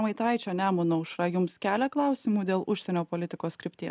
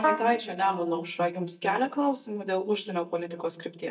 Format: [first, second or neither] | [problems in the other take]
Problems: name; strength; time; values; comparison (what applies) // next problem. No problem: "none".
first | noise reduction (neural mask model DeepFilterNet 3)